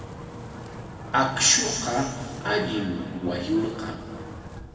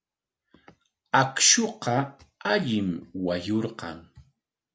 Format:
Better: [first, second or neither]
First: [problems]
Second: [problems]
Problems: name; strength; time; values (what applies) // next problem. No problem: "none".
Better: second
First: background sound (Wind); 11 dB below the speech // room echo; dies away in 2.1 s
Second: none